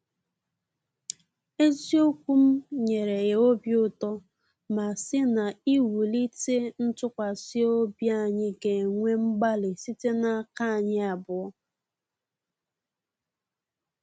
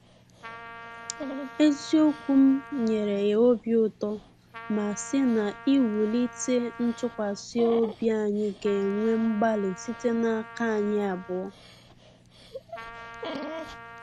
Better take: first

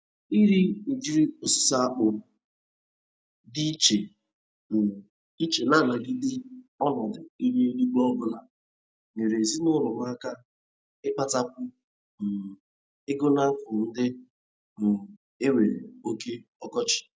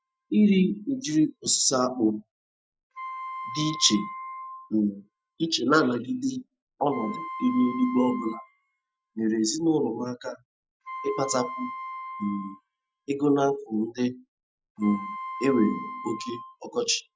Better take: first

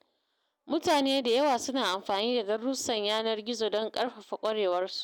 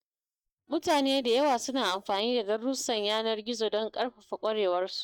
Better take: first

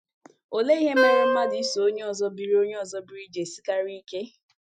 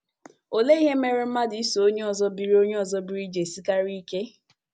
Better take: second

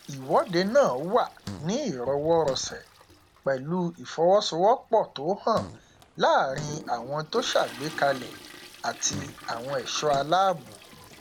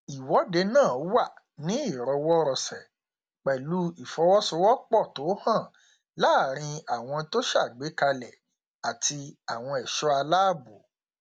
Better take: second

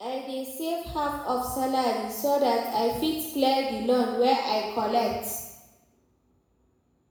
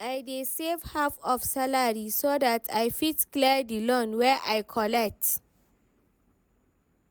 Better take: second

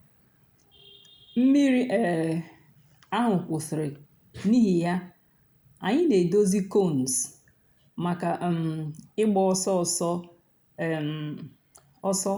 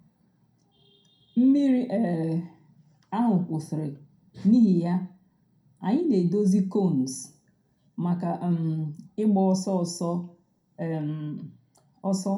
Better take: first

